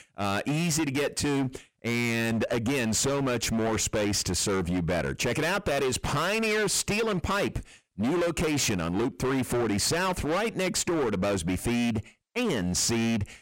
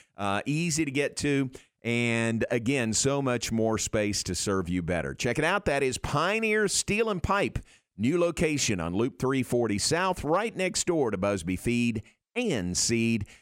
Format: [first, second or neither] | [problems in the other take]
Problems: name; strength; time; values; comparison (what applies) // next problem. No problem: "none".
second | distortion; heavy; 30% of the sound clipped